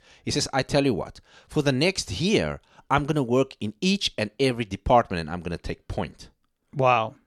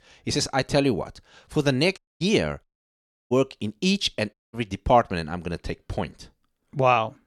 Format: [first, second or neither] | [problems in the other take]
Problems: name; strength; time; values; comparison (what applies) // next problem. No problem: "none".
first | audio cutting out; at 2 s, at 2.5 s for 0.5 s and at 4.5 s